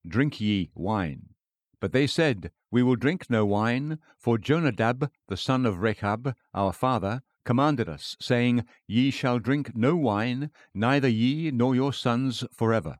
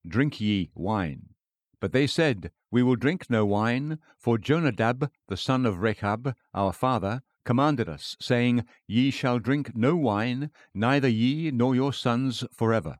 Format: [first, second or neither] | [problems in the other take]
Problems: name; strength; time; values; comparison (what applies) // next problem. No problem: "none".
neither | none